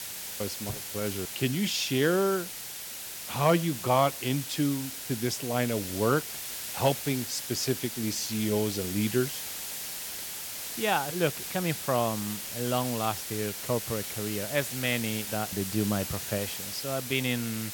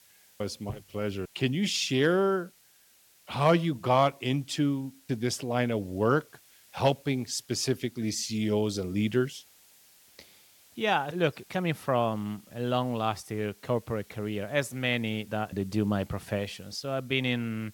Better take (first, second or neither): second